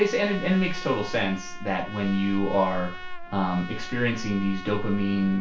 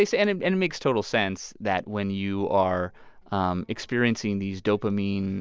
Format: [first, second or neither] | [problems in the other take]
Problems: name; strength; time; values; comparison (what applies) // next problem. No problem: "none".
second | background sound (Trumpet); 14 dB below the speech // room echo; dies away in 0.3 s